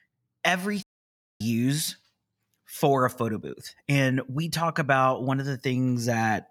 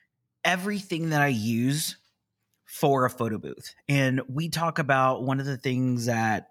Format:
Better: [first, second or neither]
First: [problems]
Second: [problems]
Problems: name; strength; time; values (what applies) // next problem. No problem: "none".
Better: second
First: audio cutting out; at 1 s for 0.5 s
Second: none